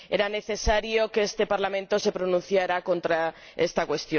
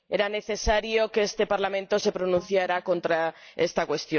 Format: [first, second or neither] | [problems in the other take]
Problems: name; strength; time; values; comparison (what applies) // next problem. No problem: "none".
first | noise reduction (neural mask model DeepFilterNet 3)